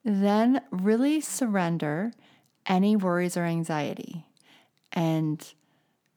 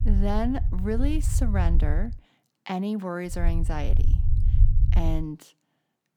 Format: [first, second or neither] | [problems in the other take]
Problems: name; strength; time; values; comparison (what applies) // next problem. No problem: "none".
first | low rumble; noticeable; until 2 s and from 3.5 to 5 s; 10 dB below the speech